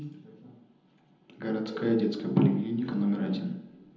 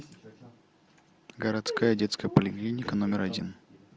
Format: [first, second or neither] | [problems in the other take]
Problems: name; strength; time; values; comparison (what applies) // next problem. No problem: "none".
second | room echo; dies away in 0.8 s